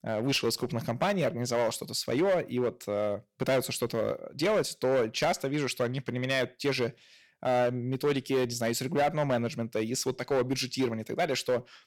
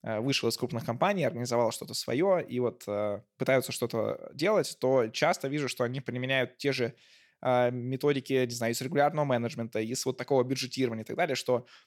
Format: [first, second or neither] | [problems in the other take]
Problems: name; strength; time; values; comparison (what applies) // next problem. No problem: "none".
second | distortion; slight; 7% of the sound clipped